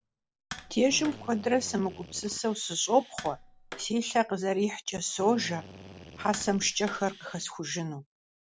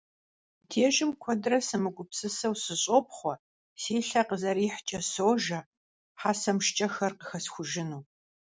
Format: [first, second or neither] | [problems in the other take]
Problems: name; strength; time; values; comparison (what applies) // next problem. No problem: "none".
second | background sound (Tap + Drill); 16 dB below the speech